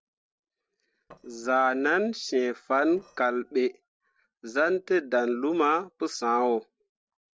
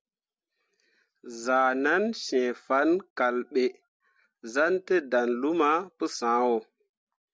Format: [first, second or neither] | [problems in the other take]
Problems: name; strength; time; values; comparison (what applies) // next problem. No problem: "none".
second | noise reduction (neural separator model SepFormer DNS4)